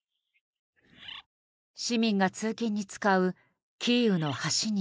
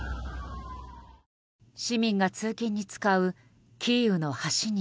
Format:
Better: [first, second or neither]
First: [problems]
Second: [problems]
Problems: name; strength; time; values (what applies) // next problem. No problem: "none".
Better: second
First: noise reduction (neural mask model Resemble Enhance denoiser)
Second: none